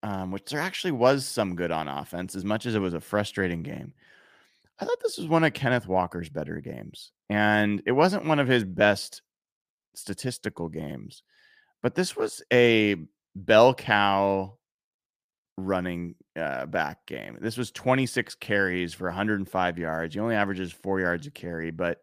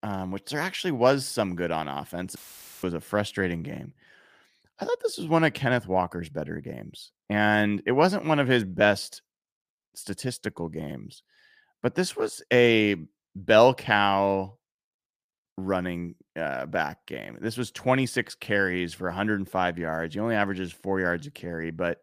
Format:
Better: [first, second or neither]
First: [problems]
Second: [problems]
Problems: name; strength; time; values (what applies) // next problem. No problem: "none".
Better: first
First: none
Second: audio cutting out; filled with static; at 2.5 s